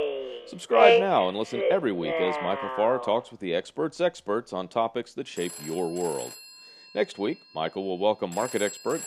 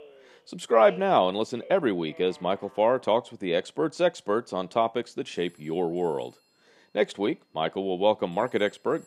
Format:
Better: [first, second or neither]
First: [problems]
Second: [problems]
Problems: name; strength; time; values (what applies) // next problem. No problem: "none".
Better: second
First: alarms or sirens; loud; throughout; 1 dB below the speech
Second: alarms or sirens; faint; throughout; 25 dB below the speech